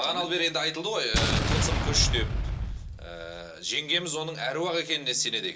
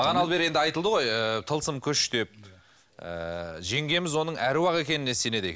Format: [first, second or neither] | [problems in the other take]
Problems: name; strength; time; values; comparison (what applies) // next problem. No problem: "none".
second | background sound (Explosion); 1 dB above the speech // room echo; dies away in 0.2 s